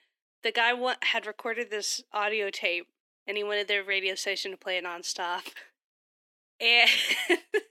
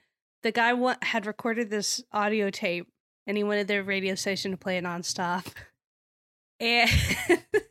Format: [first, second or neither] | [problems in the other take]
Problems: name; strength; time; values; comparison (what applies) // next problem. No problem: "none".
second | thin; somewhat; fading below 300 Hz